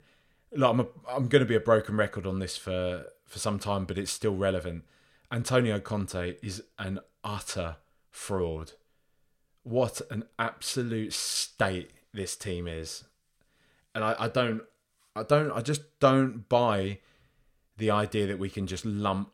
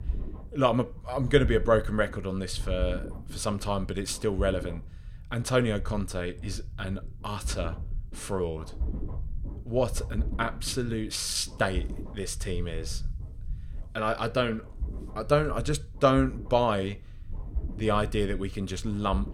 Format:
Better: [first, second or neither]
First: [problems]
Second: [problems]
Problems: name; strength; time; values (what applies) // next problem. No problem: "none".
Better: first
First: none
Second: low rumble; faint; throughout; 20 dB below the speech